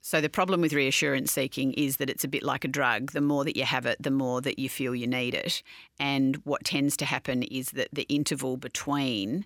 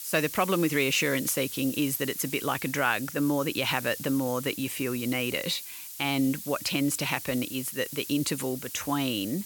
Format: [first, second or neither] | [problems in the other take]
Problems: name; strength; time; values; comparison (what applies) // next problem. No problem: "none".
first | hiss; loud; throughout; 9 dB below the speech